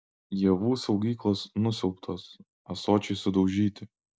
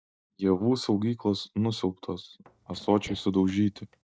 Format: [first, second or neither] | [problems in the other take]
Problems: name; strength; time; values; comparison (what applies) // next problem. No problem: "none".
first | noise reduction (neural mask model DeepFilterNet 3)